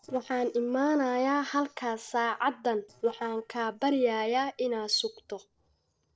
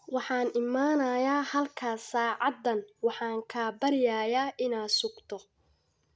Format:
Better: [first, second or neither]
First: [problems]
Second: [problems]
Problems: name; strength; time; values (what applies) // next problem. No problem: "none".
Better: second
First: noise reduction (neural separator model SepFormer DNS4)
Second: none